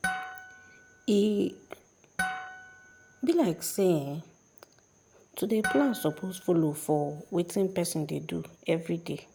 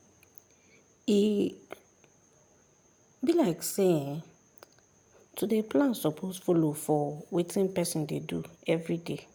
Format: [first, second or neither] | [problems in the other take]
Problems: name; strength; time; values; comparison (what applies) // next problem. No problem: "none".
second | background sound (Harp); 9 dB below the speech